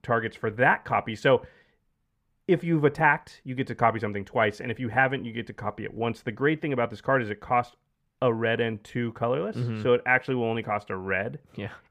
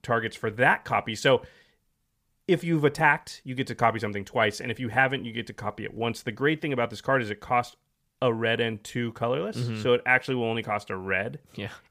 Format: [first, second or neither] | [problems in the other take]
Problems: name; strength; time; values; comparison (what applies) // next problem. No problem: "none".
second | muffled; slightly; fading above 3 kHz